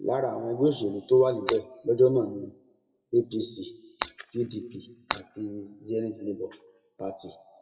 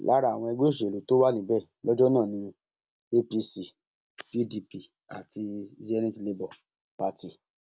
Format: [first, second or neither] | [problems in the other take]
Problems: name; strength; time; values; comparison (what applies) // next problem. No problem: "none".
second | noise reduction (classical method WPE with log-MMSE)